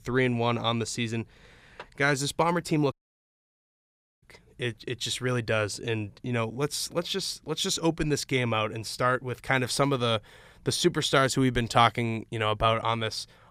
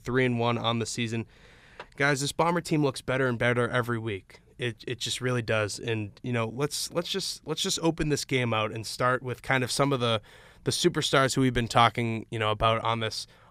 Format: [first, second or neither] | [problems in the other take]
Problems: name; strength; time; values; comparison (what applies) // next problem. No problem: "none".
second | audio cutting out; at 3 s for 1.5 s